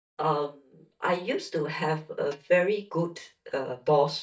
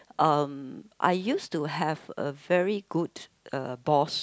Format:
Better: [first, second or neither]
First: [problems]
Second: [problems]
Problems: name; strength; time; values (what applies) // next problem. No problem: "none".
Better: second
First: noise reduction (neural mask model DeepFilterNet 3)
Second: none